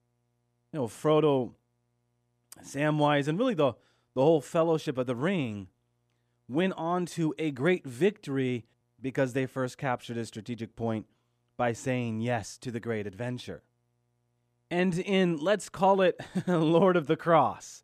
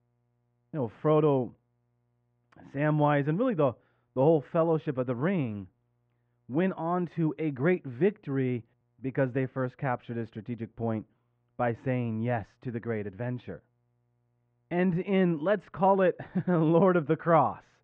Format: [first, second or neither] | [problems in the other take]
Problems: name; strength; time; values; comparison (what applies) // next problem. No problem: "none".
first | muffled; very; fading above 2 kHz